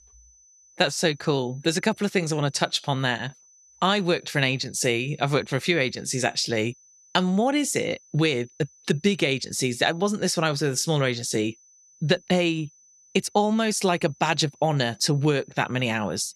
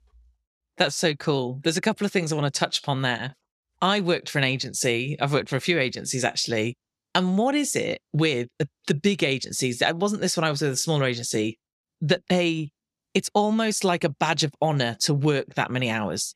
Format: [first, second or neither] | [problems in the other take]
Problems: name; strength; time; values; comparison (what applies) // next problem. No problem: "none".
second | high-pitched whine; faint; throughout; 6 kHz, 30 dB below the speech